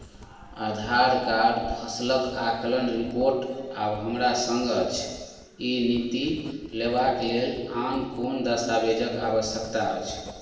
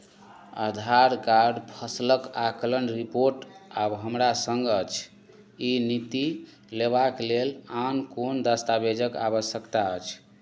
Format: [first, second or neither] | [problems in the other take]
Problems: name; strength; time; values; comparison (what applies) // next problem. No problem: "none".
second | background sound (Writing); 20 dB below the speech // room echo; dies away in 1.3 s